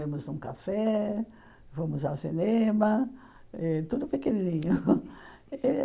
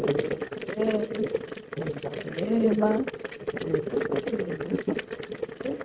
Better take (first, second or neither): first